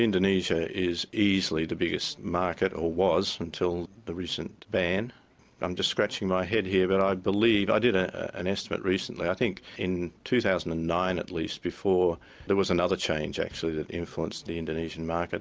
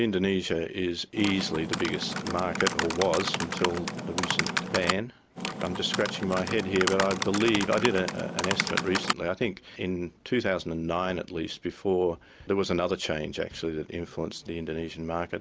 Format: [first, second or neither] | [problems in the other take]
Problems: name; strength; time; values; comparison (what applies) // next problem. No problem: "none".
first | background sound (Typing); 2 dB below the speech